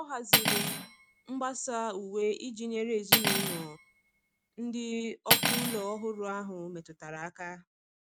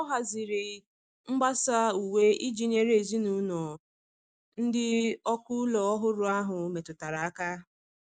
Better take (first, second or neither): second